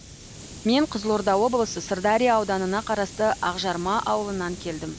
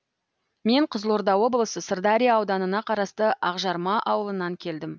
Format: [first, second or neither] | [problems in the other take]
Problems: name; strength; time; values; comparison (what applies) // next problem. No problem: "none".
second | background sound (Hiss); 16 dB below the speech